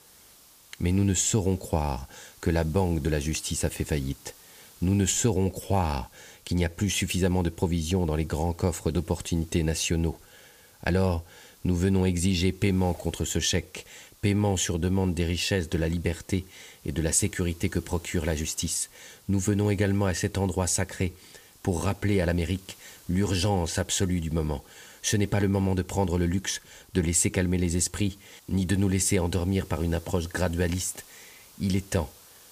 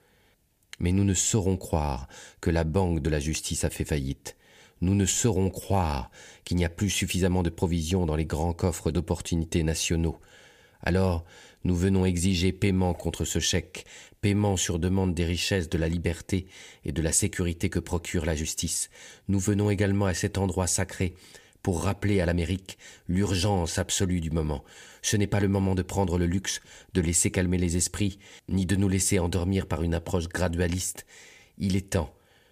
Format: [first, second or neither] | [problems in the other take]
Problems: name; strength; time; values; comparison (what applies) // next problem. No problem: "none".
second | hiss; faint; throughout; 25 dB below the speech